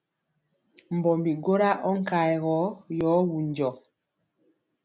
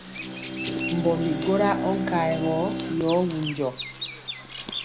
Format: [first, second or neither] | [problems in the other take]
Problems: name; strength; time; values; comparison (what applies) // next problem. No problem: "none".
first | background sound (Bowed string instrument + Bird vocalization, bird call, bird song); 4 dB below the speech